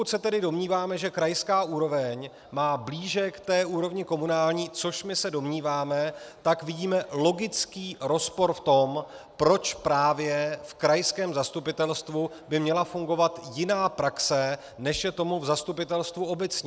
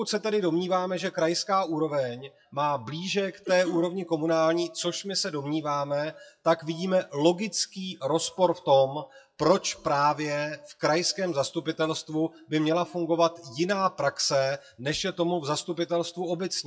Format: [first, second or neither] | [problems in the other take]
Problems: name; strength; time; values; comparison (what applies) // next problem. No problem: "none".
first | noise reduction (classical method WPE with log-MMSE)